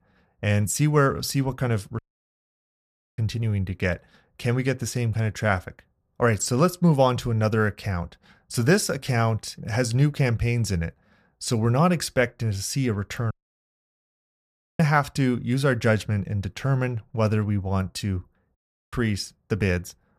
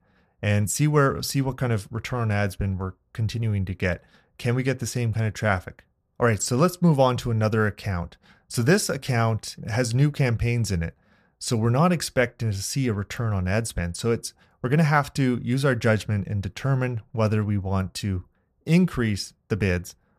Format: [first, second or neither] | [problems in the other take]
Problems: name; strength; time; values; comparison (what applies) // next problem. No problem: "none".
second | audio cutting out; at 2 s for 1 s, at 13 s for 1.5 s and at 19 s